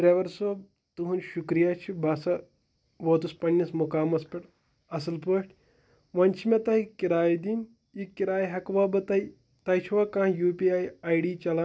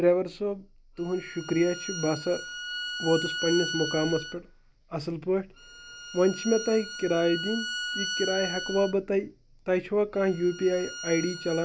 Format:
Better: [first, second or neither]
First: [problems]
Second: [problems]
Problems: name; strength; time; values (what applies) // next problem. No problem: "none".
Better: first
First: none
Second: background sound (Bowed string instrument); 9 dB below the speech